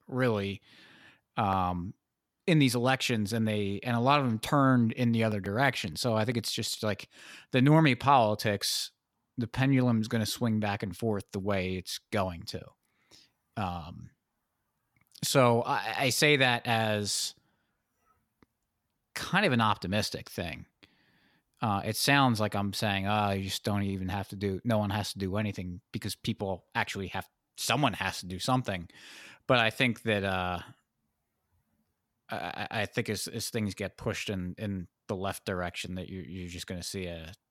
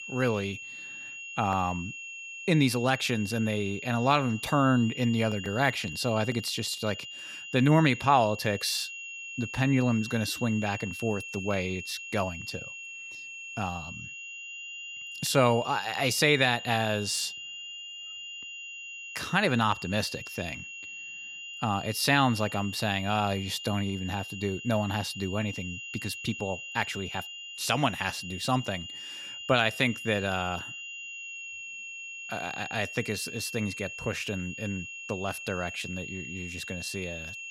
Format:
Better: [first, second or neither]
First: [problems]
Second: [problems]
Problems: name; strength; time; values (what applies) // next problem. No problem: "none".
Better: first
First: none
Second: high-pitched whine; loud; throughout; 3 kHz, 10 dB below the speech